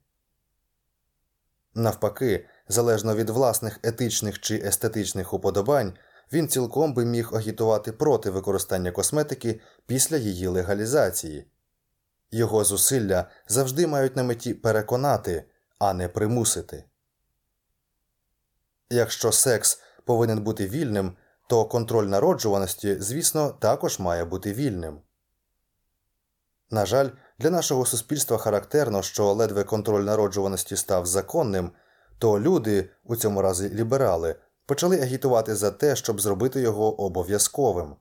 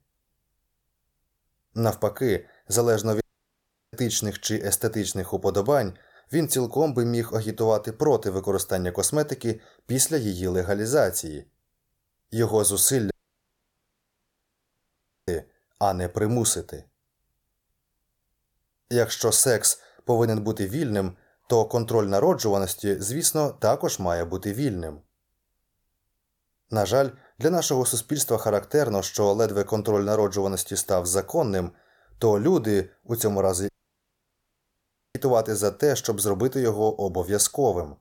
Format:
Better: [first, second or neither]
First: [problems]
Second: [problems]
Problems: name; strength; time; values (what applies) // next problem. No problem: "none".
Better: first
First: none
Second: audio cutting out; at 3 s for 0.5 s, at 13 s for 2 s and at 34 s for 1.5 s